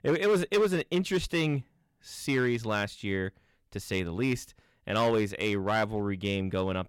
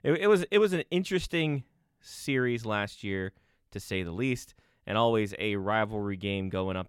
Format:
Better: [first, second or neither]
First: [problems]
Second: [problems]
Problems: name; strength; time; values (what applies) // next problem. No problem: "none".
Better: second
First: distortion; slight; 5% of the sound clipped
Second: none